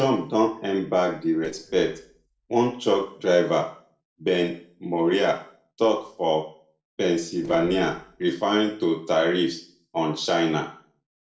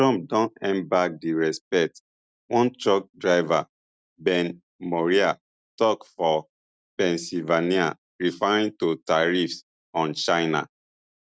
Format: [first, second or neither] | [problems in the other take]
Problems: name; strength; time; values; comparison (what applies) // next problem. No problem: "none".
second | noise reduction (neural separator model SepFormer DNS4)